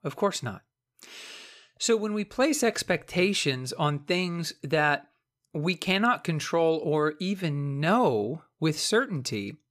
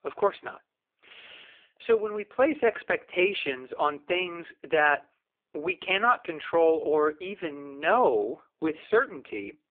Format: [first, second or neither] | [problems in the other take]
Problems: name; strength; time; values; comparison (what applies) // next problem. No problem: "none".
first | phone-call audio; poor line